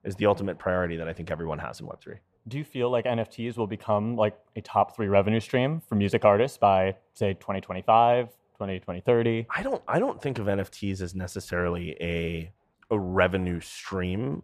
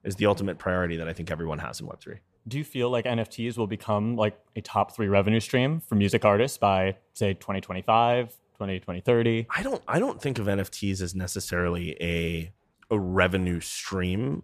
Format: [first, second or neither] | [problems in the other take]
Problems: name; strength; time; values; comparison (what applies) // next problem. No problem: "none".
second | muffled; slightly; fading above 4 kHz